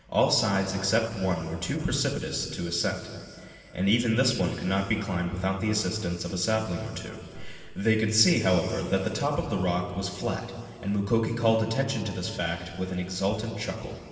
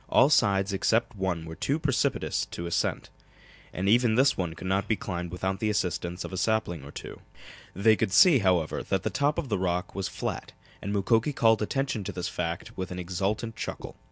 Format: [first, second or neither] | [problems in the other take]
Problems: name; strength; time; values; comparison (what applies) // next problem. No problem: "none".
second | room echo; dies away in 2.6 s